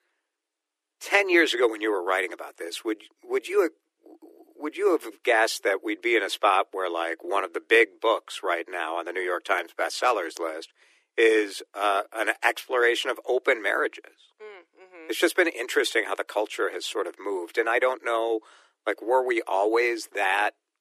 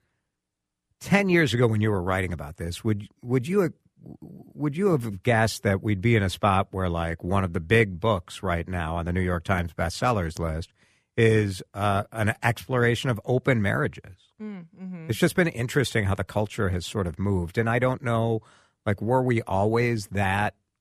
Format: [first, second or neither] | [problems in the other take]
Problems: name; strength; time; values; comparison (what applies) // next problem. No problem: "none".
second | thin; very; fading below 300 Hz